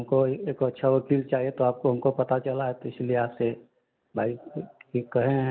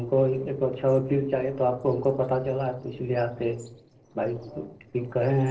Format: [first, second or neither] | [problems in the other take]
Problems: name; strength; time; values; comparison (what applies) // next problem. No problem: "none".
first | noise reduction (neural separator model SepFormer DNS4)